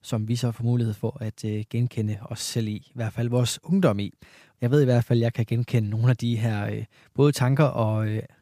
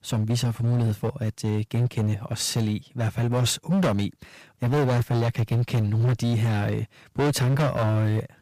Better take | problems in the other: first | distortion; heavy; 19% of the sound clipped

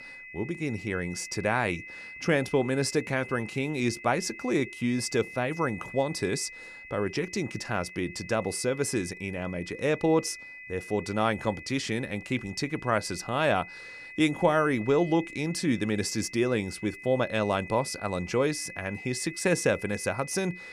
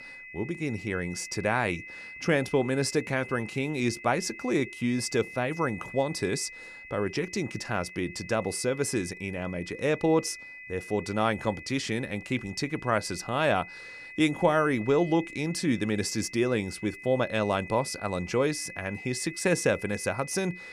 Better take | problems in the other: neither | high-pitched whine; noticeable; throughout; 2 kHz, 15 dB below the speech; the same in both

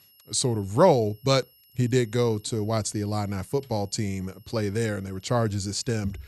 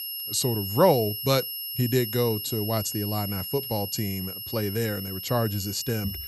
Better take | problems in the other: first | high-pitched whine; loud; throughout; 11.5 kHz, 5 dB below the speech; faint in the first

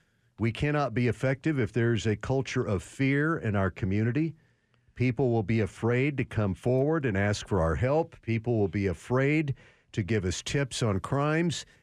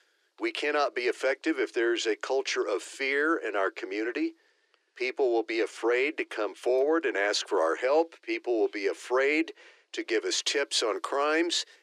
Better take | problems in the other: first | thin; very; fading below 300 Hz

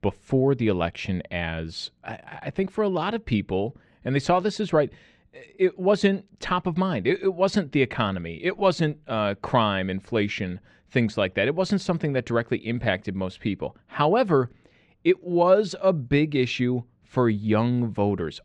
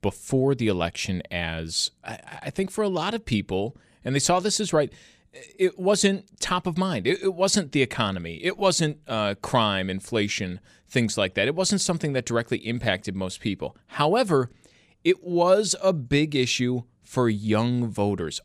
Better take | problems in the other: second | muffled; slightly; fading above 2.5 kHz

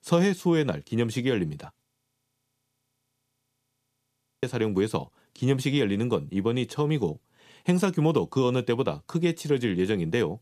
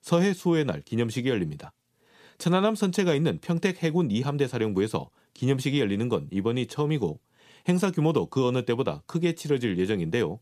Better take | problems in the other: second | audio freezing; at 2 s for 2.5 s

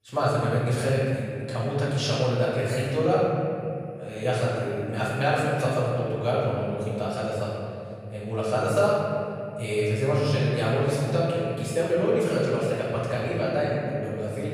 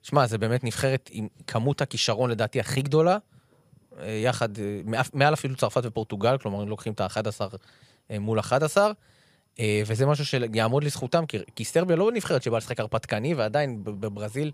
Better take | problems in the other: second | off-mic speech; far // room echo; strong; dies away in 2.5 s

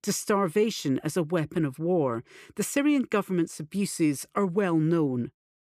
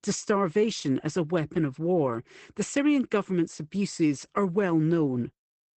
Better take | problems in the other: first | garbled, watery; badly; nothing above 8 kHz

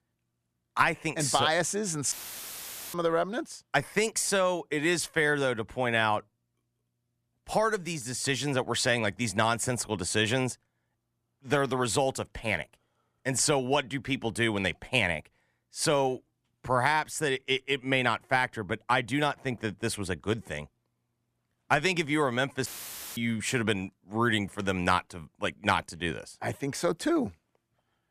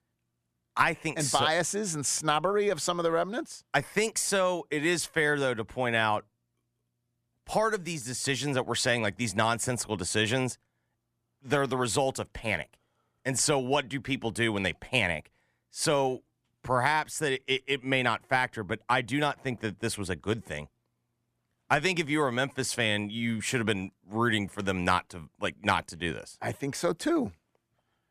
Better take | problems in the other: second | audio cutting out; filled with static; at 2 s for 1 s and at 23 s for 0.5 s

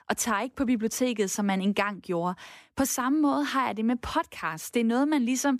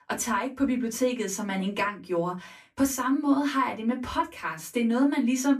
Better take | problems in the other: first | off-mic speech; far // room echo; very slight; dies away in 0.2 s

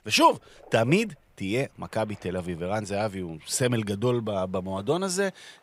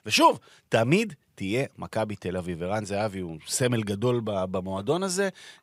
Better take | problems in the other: second | rain or running water; faint; throughout; 25 dB below the speech

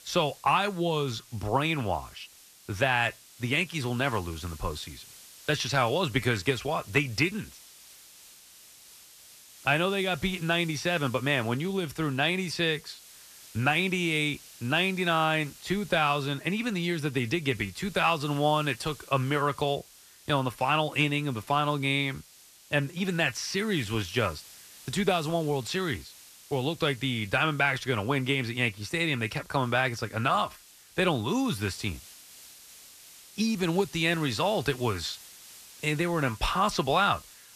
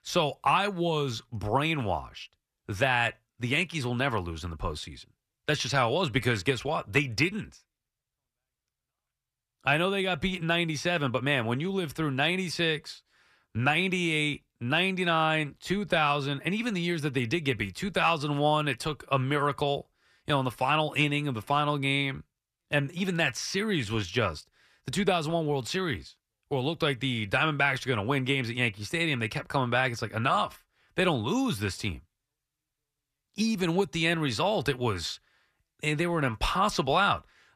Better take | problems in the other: second | hiss; faint; throughout; 20 dB below the speech

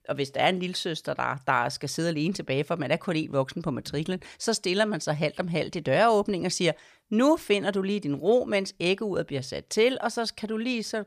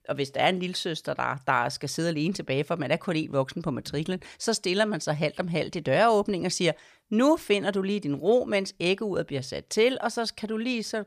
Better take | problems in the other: neither | none

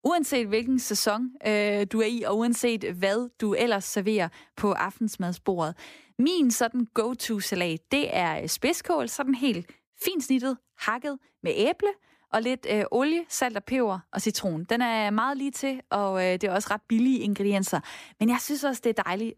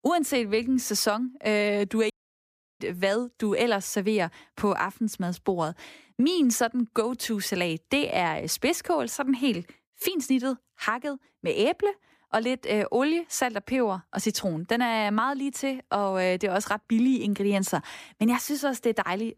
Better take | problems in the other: first | audio cutting out; at 2 s for 0.5 s

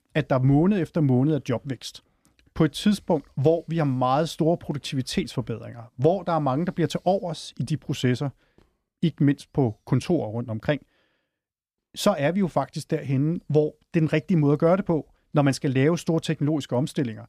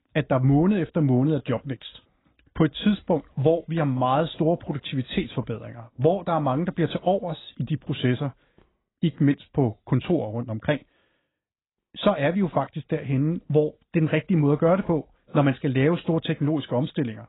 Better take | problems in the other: first | garbled, watery; badly; nothing above 4 kHz

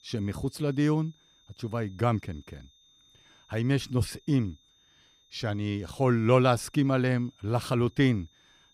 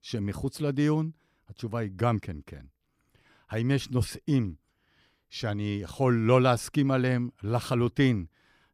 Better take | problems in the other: second | high-pitched whine; faint; throughout; 3.5 kHz, 30 dB below the speech

